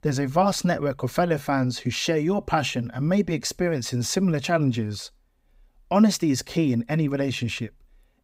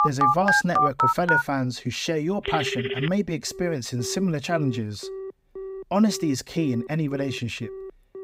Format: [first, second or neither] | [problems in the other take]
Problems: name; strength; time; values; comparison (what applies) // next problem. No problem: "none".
first | alarms or sirens; very loud; throughout; 1 dB above the speech